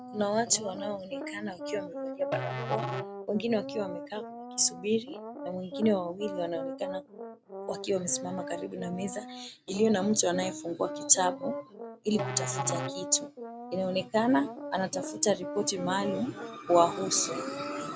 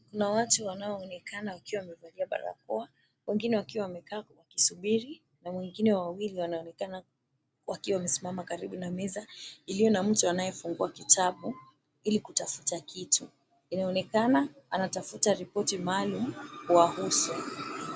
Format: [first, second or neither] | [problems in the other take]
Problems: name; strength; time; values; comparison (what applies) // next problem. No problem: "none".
second | background sound (Musical instrument + Brass instrument); 8 dB below the speech